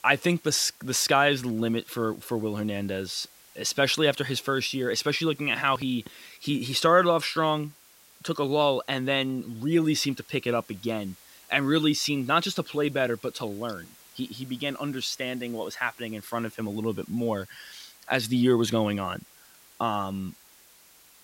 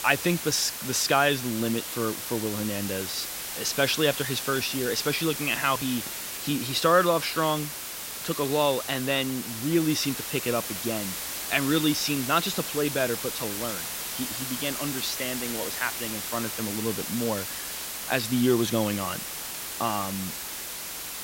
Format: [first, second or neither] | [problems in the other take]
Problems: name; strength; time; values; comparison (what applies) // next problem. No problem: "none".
first | hiss; loud; throughout; 5 dB below the speech; faint in the first